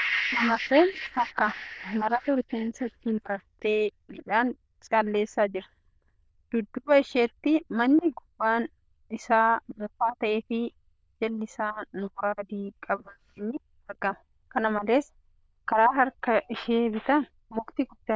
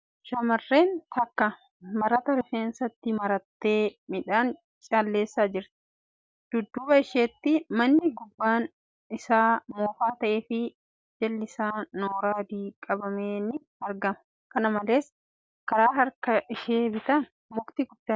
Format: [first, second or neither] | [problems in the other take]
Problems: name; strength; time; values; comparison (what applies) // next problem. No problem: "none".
second | noise reduction (neural diffusion model UNIVERSE++)